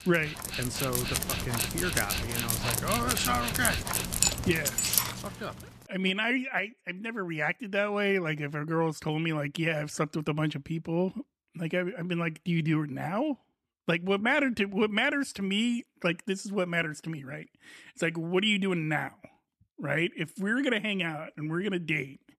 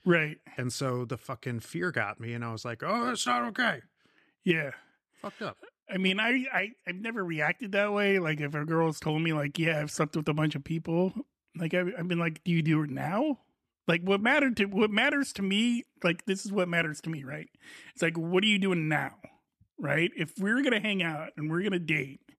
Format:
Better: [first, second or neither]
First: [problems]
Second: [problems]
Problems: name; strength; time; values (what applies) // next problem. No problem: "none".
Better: second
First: dog barking; loud; until 5 s; peak 5 dB above the speech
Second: none